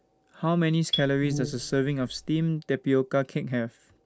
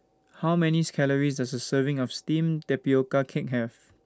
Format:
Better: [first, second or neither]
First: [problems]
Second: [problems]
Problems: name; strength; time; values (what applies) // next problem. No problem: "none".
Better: second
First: background sound (Marimba, xylophone + Brass instrument); 8 dB below the speech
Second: none